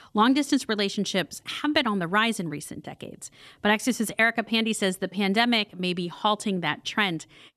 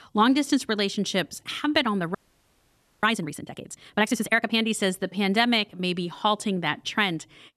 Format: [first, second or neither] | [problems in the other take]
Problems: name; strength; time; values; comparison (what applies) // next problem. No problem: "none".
first | audio freezing; at 2 s for 1 s